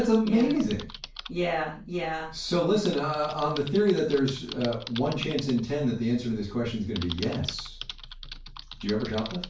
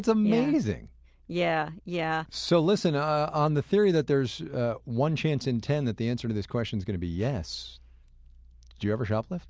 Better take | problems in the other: second | background sound (Typing); 15 dB below the speech // room echo; dies away in 0.3 s

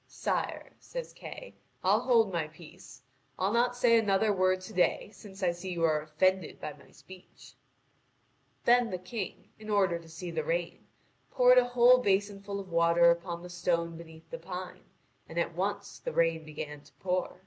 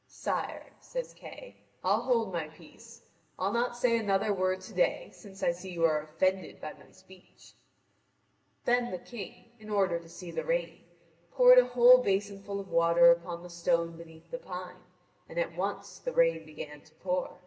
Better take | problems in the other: first | room echo; dies away in 2.7 s

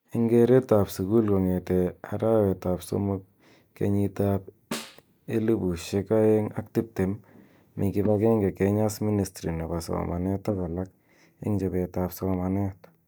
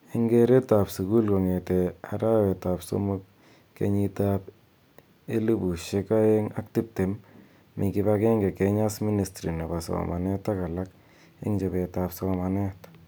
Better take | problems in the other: second | noise reduction (neural mask model DeepFilterNet 3)

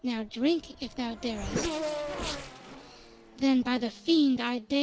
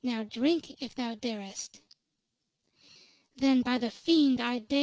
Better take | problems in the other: second | background sound (Race car, auto racing / Accelerating, revving, vroom); 9 dB below the speech

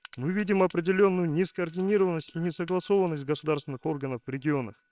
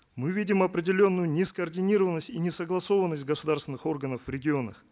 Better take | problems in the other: second | noise reduction (neural separator model SepFormer WHAMR!)

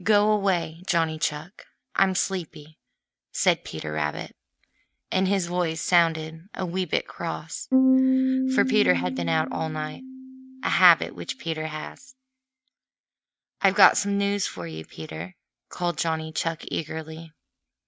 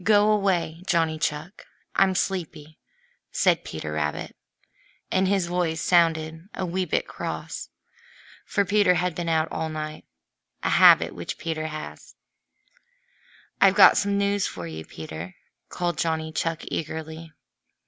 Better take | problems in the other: second | noise reduction (neural mask model RNNoise)

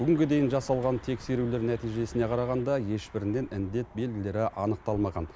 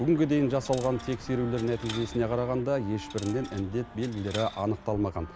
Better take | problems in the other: first | background sound (Wind instrument, woodwind instrument + Coin (dropping)); 16 dB below the speech

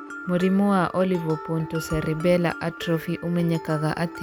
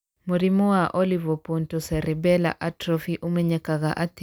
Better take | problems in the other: second | background sound (Mallet percussion); 13 dB below the speech

